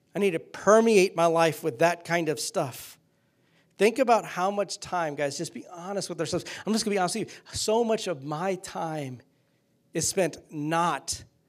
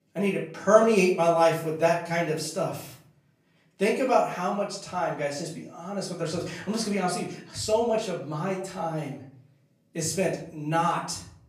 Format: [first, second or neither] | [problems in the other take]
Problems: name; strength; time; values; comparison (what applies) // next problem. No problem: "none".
first | off-mic speech; far // room echo; slight; dies away in 0.5 s